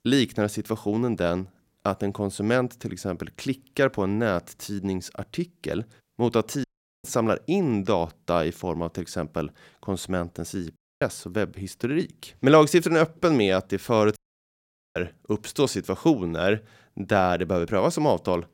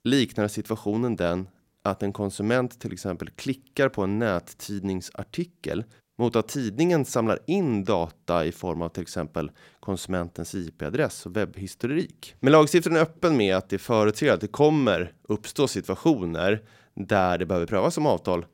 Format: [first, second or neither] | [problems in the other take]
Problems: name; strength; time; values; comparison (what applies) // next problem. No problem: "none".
second | audio cutting out; at 6.5 s, at 11 s and at 14 s for 1 s